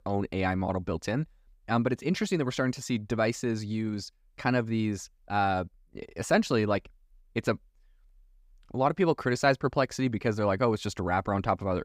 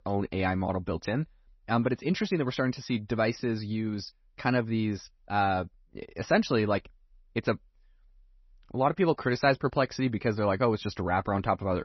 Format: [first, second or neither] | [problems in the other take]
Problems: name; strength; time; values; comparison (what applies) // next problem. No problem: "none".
first | garbled, watery; slightly; nothing above 6 kHz